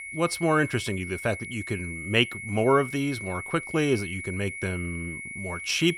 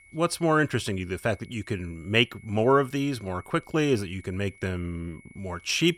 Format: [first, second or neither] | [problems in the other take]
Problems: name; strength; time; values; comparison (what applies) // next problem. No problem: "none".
second | high-pitched whine; loud; throughout; 2 kHz, 8 dB below the speech; faint in the second